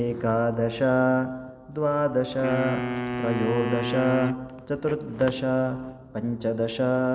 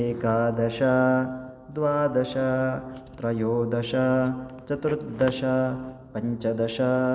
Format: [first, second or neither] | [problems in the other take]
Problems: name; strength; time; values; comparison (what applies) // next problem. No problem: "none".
second | background sound (Wind instrument, woodwind instrument); 6 dB below the speech